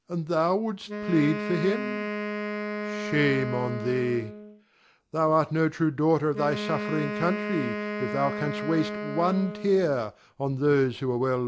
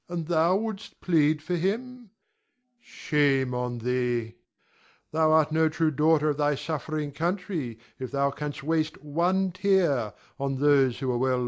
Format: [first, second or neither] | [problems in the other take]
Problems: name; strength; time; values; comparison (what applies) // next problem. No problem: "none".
second | background sound (Wind instrument, woodwind instrument); 7 dB below the speech